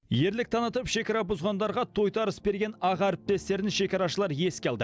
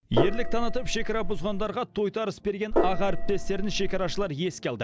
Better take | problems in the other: first | background sound (Gong); 4 dB above the speech

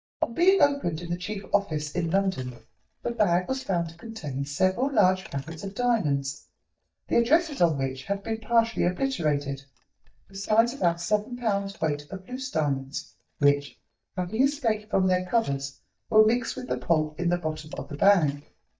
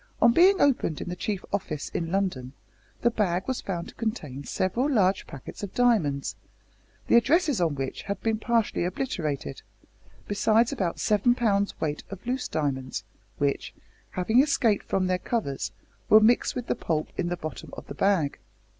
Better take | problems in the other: second | noise reduction (neural mask model DeepFilterNet 3)

